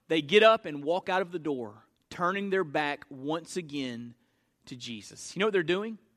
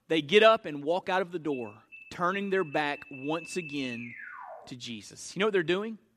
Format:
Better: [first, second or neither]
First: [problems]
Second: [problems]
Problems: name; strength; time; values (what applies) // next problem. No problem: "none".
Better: first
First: none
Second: alarm; faint; from 1.5 to 4.5 s; peak 10 dB below the speech